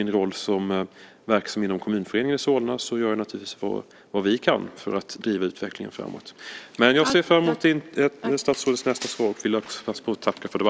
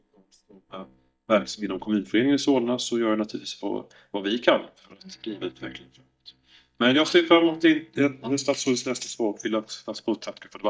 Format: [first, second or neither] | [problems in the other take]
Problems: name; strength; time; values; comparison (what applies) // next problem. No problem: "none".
first | noise reduction (neural mask model DeepFilterNet 3)